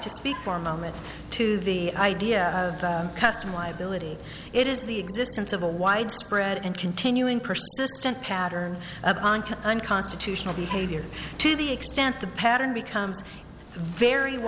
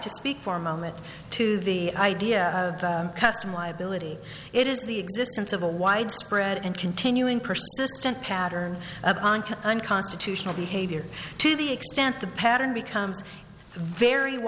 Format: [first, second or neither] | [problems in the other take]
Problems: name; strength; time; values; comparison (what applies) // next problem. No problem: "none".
second | background sound (Vehicle); 17 dB below the speech